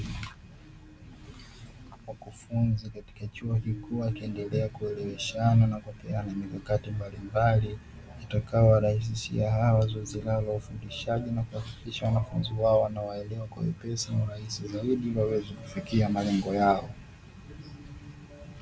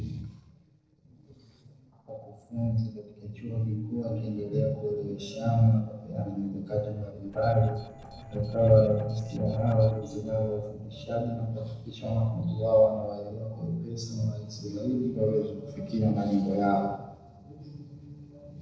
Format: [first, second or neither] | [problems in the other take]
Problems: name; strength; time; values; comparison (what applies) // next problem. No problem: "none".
first | noise reduction (neural separator model SepFormer DNS4)